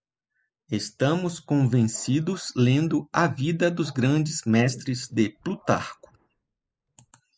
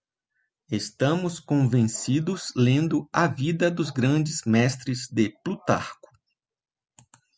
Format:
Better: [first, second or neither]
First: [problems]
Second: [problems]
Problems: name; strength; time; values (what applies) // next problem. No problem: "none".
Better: second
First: noise reduction (neural mask model Resemble Enhance denoiser)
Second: none